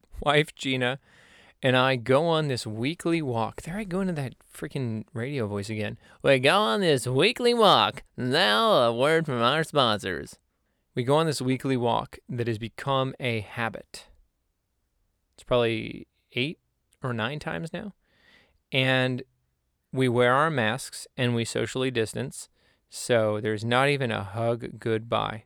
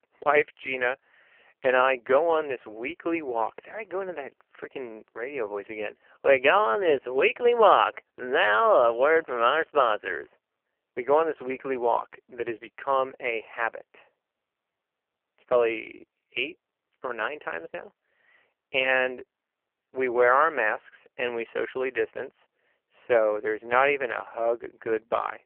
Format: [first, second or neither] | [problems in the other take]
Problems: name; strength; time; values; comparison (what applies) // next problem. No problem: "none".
first | phone-call audio; poor line; nothing above 3 kHz